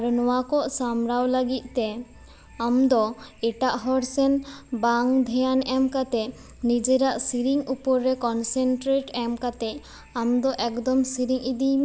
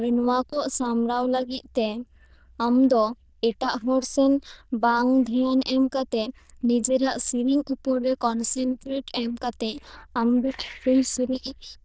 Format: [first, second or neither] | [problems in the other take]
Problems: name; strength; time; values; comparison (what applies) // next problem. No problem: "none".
first | noise reduction (neural diffusion model UNIVERSE++)